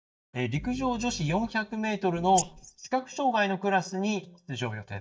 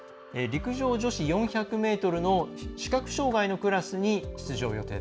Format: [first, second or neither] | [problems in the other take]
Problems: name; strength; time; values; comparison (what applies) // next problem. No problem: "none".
second | noise reduction (neural mask model DeepFilterNet 3)